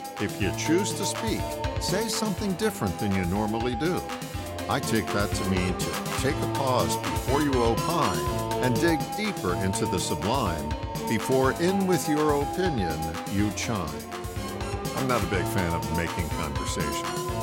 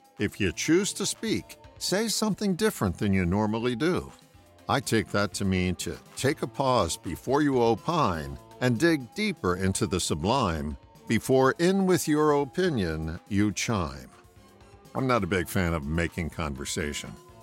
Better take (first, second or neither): second